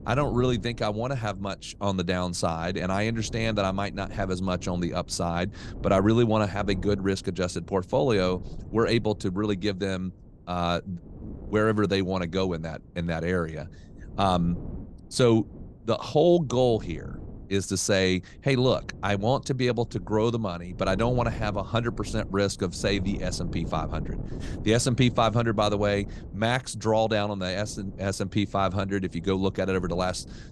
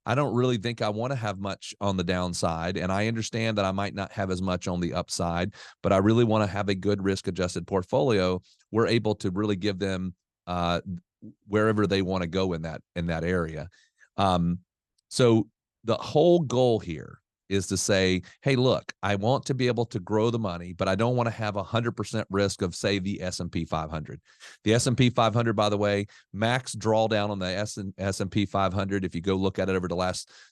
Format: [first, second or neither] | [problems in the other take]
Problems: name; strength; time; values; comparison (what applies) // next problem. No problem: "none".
second | wind noise on the microphone; occasional gusts; 20 dB below the speech